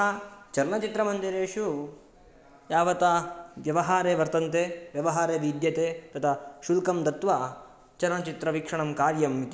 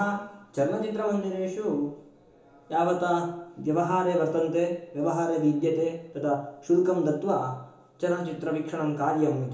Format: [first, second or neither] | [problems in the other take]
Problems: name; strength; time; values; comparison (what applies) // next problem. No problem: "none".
first | room echo; dies away in 1.2 s